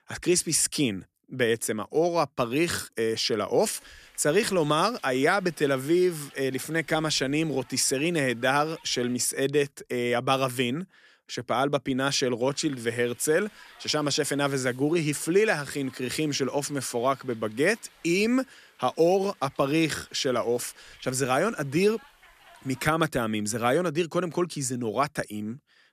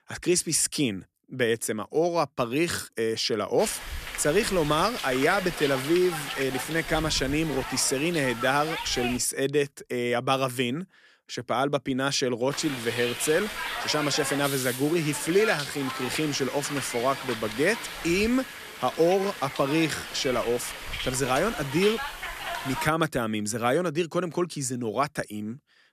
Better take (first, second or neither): first